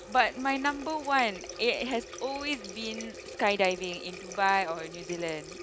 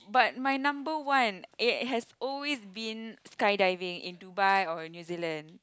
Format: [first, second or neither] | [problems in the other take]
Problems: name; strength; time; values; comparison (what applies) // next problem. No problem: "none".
second | background sound (Water tap, faucet); 13 dB below the speech